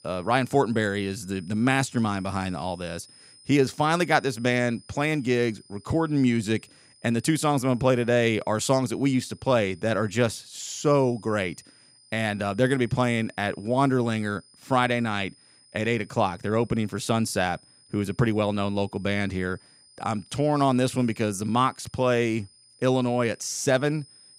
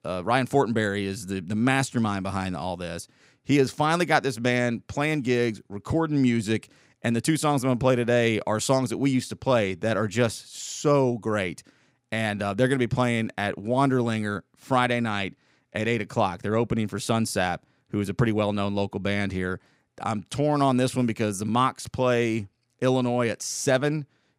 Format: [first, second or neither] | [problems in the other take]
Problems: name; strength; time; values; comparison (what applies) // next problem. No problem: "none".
second | high-pitched whine; faint; throughout; 5 kHz, 25 dB below the speech